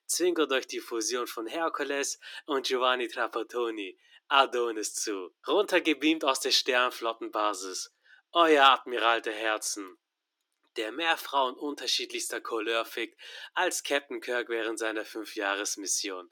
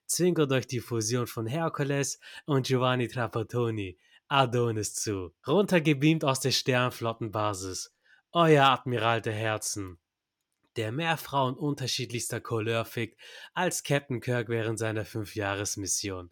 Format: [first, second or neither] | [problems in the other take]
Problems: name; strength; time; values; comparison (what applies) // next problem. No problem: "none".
second | thin; very; fading below 300 Hz